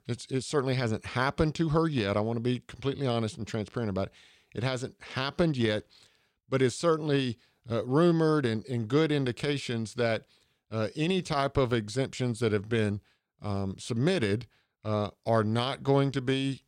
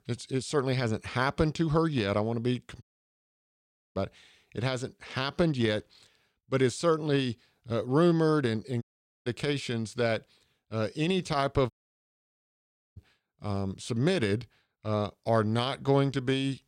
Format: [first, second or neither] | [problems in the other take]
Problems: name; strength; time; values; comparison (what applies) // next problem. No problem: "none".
first | audio cutting out; at 3 s for 1 s, at 9 s and at 12 s for 1.5 s